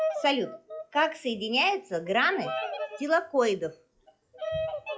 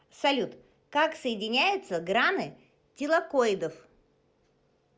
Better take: second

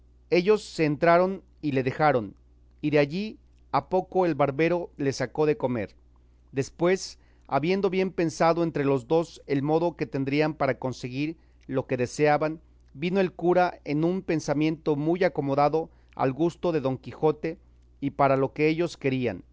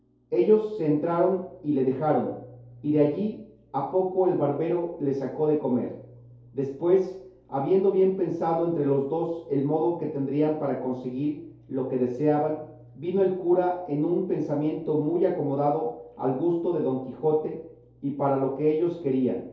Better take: first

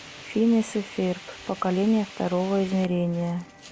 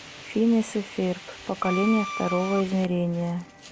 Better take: first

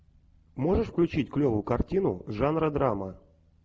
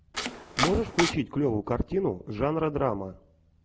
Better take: first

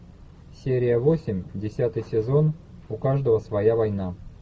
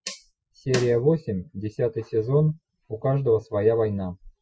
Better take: first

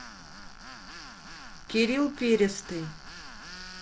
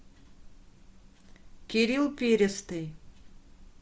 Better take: second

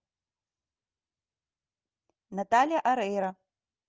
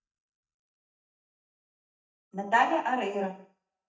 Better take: first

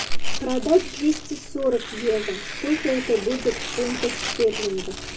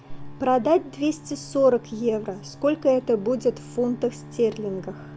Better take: second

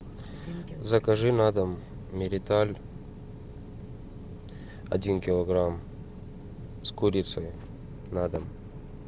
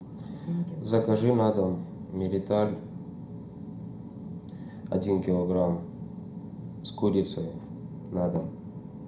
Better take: first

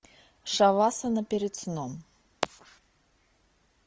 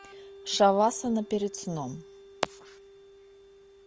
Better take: first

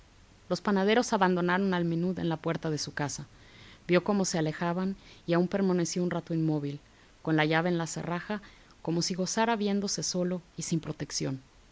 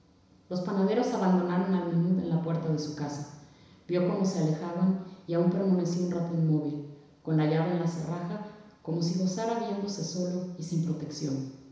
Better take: first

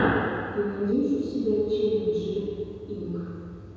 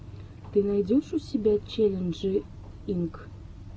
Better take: second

